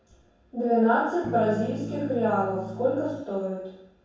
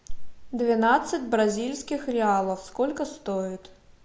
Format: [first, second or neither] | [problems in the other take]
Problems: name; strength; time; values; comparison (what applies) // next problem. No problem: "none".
second | background sound (Electric guitar / Strum); 10 dB below the speech // room echo; dies away in 0.7 s